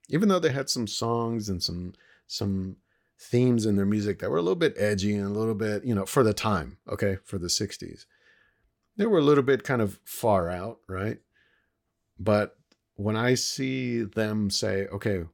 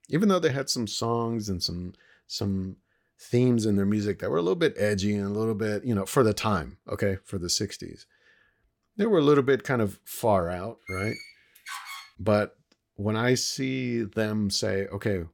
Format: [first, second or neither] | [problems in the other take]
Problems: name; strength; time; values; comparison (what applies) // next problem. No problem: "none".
first | door banging; noticeable; from 11 to 12 s; peak 9 dB below the speech